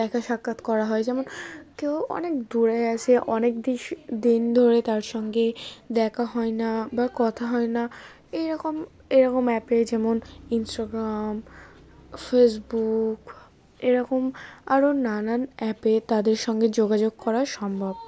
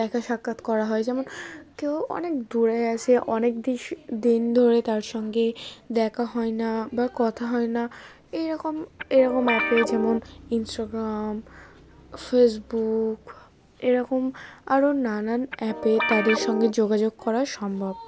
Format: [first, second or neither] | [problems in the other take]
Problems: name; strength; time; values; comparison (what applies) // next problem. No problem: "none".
first | background sound (Guitar); 3 dB below the speech